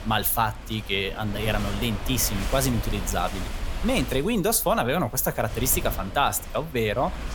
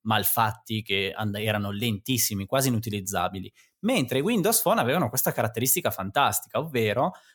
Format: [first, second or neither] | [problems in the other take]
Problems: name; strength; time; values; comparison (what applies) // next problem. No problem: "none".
second | wind noise on the microphone; occasional gusts; 10 dB below the speech